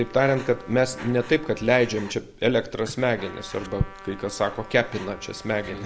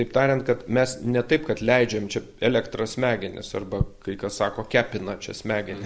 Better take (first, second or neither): second